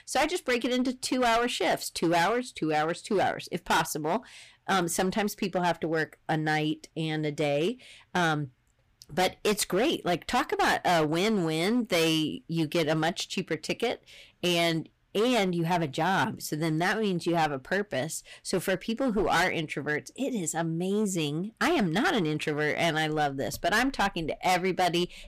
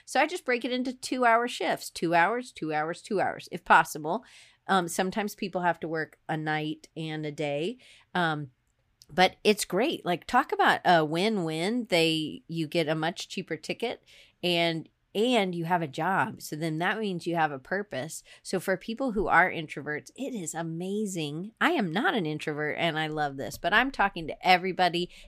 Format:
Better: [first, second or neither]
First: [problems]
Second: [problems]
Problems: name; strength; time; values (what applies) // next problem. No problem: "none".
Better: second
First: distortion; heavy; 11% of the sound clipped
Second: none